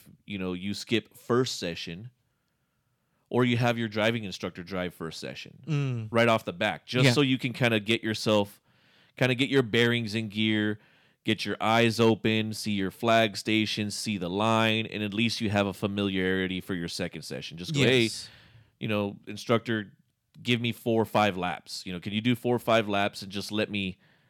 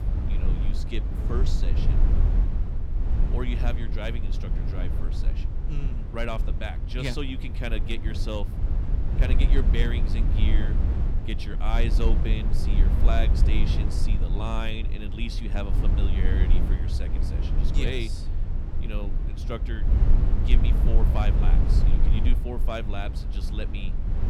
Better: first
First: none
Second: low rumble; loud; throughout; 5 dB below the speech

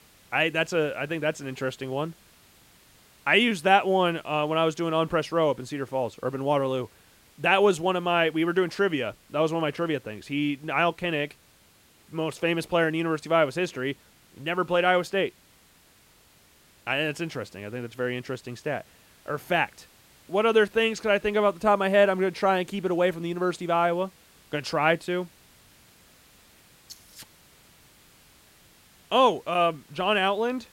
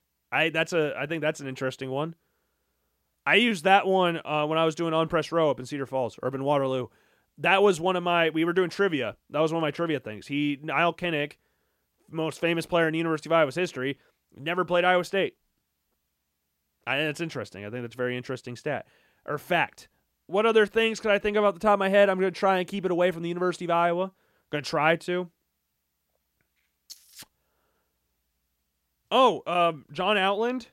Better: second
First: hiss; faint; throughout; 30 dB below the speech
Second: none

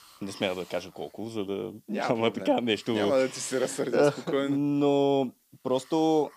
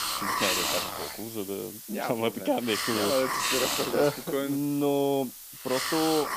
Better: first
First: hiss; faint; throughout; 25 dB below the speech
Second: hiss; loud; throughout; 1 dB below the speech

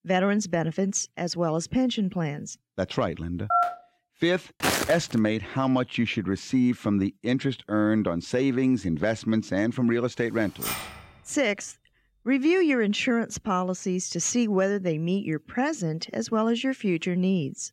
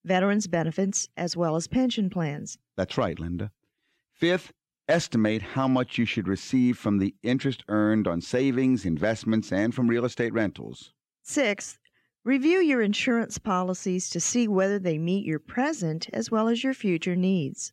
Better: second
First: phone ringing; loud; at 3.5 s; peak 2 dB above the speech // footsteps; loud; at 4.5 s; peak 1 dB above the speech // keyboard typing; noticeable; at 11 s; peak 5 dB below the speech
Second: none

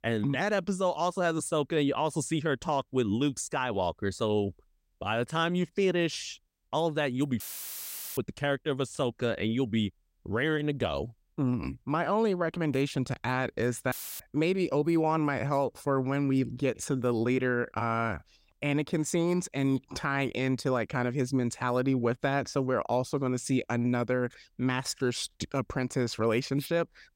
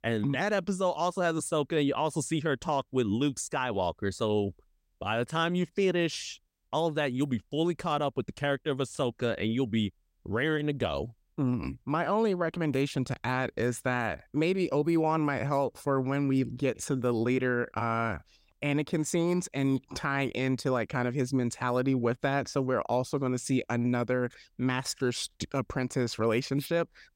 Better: second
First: audio cutting out; filled with static; at 7.5 s for 1 s and at 14 s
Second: none

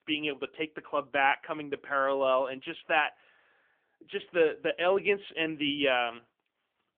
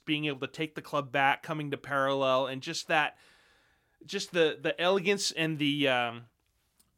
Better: second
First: phone-call audio; nothing above 3 kHz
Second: none

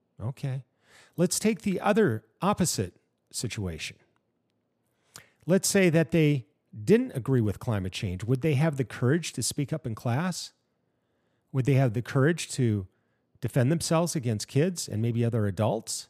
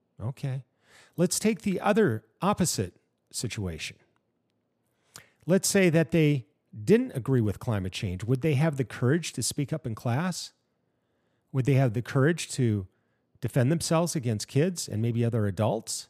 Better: neither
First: none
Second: none

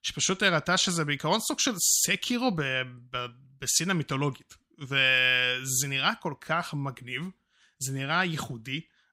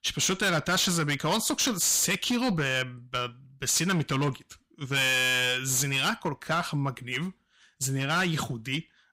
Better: first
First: none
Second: distortion; heavy; 12% of the sound clipped

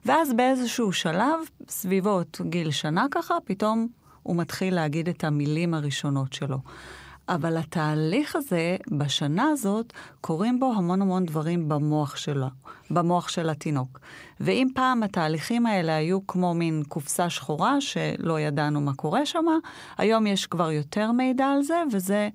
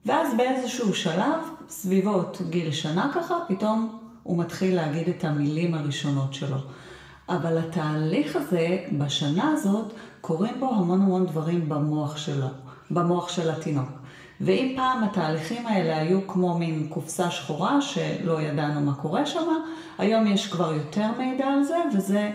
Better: first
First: none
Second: room echo; slight; dies away in 0.8 s // off-mic speech; somewhat distant

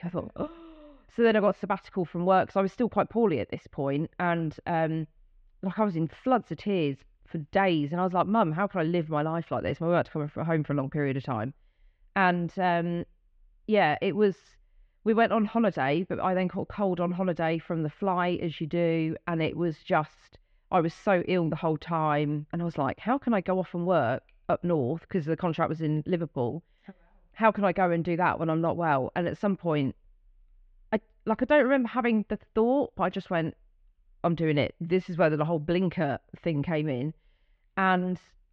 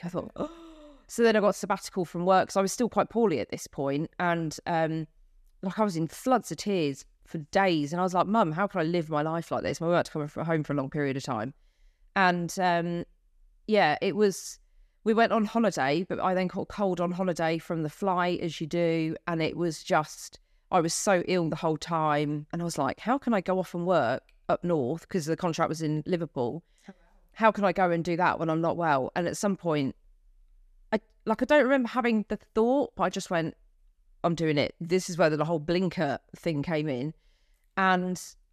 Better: second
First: muffled; very; fading above 3 kHz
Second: none

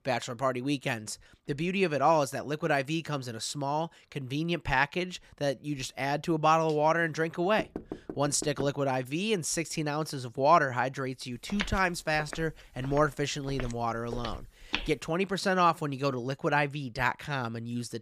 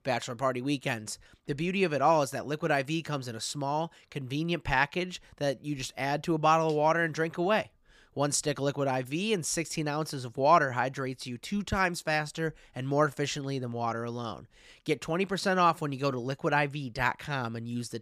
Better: second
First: door banging; faint; from 7.5 to 8.5 s; peak 10 dB below the speech // footsteps; noticeable; from 11 to 15 s; peak 5 dB below the speech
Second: none

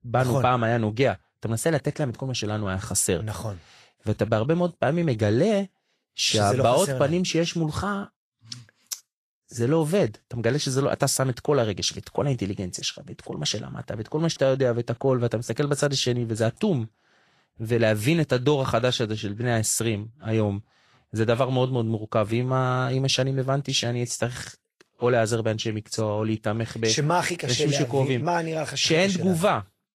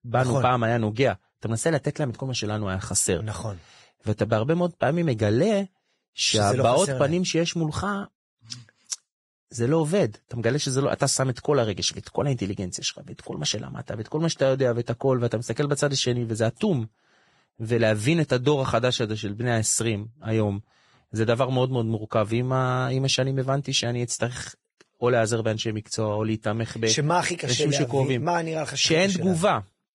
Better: first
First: garbled, watery; slightly; nothing above 12.5 kHz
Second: garbled, watery; badly; nothing above 10.5 kHz

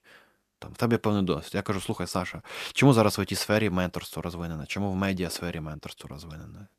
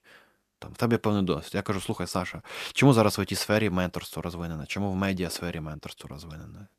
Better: neither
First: none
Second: none

